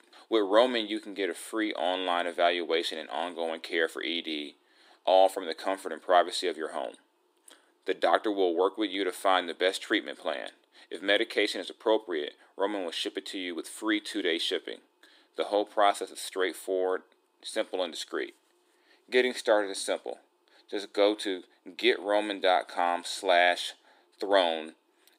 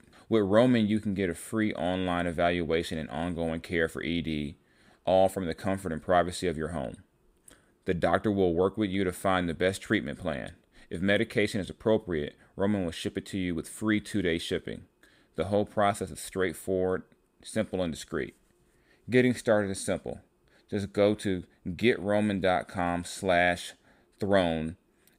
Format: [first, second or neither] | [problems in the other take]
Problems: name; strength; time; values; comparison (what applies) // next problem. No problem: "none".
second | thin; somewhat; fading below 300 Hz